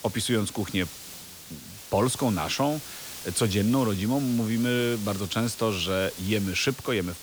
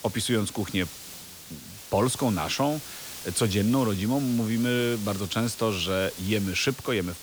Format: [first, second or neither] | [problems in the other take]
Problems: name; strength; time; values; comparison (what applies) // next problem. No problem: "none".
neither | hiss; noticeable; throughout; 10 dB below the speech; the same in both